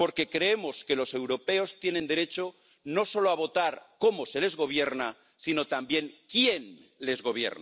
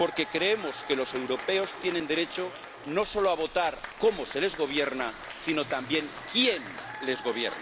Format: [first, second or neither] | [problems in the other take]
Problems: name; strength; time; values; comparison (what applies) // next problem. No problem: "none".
first | background sound (Applause / Crowd); 12 dB below the speech